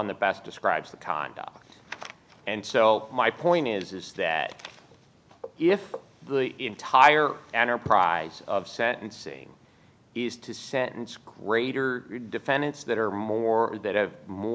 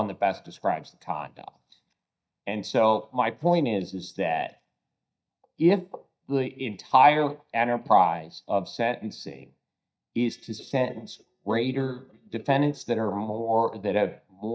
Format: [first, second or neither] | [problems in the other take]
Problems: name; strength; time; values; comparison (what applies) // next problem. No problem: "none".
first | noise reduction (neural mask model DeepFilterNet 3)